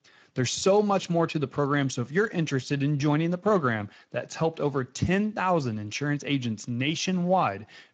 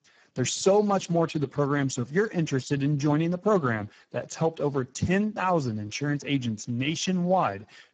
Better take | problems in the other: first | garbled, watery; badly; nothing above 7.5 kHz; slightly in the first

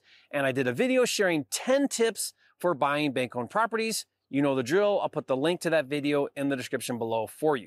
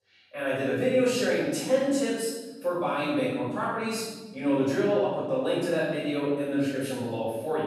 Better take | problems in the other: first | off-mic speech; far // room echo; strong; dies away in 1.4 s

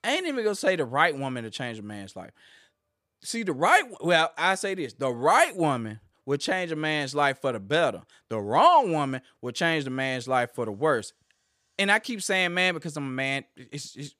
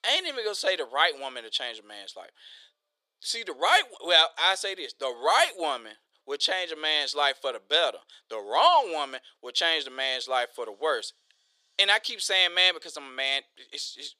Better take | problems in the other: first | thin; very; fading below 450 Hz

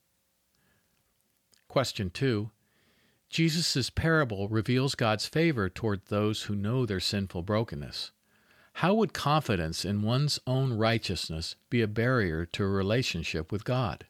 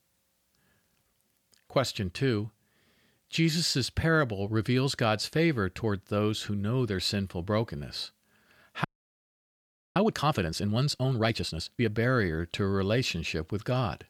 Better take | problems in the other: first | audio freezing; at 9 s for 1 s

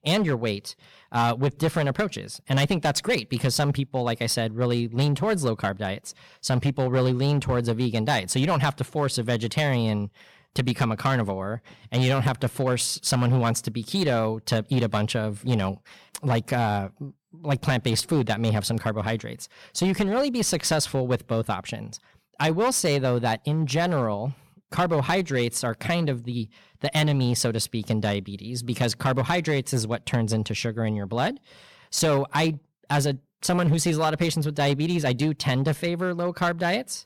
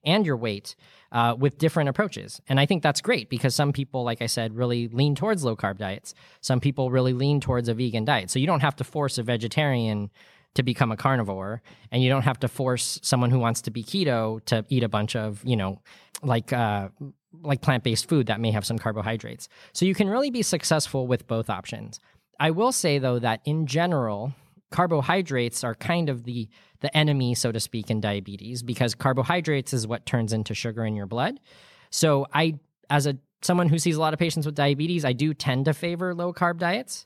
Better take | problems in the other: second | distortion; slight; 7% of the sound clipped

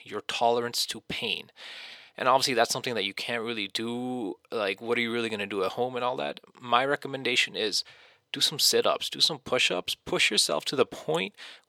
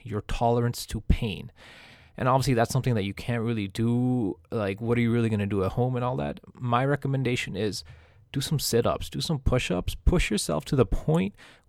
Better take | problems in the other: second | thin; somewhat; fading below 400 Hz

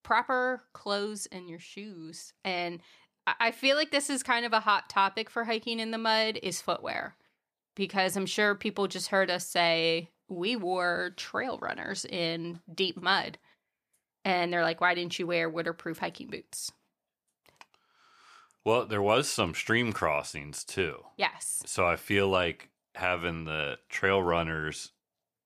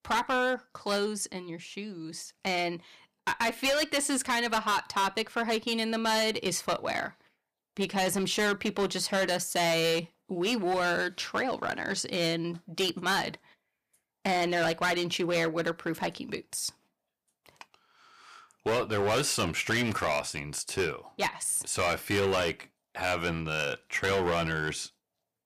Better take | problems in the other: first | distortion; heavy; 10% of the sound clipped

